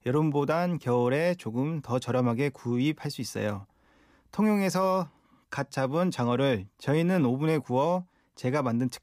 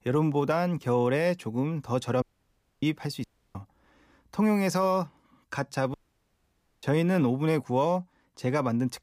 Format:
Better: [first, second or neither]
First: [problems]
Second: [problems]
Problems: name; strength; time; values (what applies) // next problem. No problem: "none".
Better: first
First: none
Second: audio cutting out; at 2 s for 0.5 s, at 3 s and at 6 s for 1 s